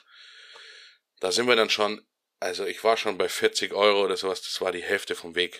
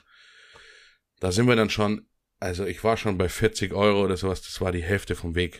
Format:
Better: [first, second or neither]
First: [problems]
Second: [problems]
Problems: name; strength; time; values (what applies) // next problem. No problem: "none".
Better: second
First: thin; somewhat; fading below 500 Hz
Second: none